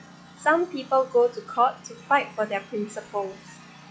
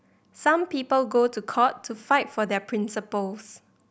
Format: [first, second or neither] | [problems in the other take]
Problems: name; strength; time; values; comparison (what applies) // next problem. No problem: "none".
second | noise reduction (classical method log-MMSE)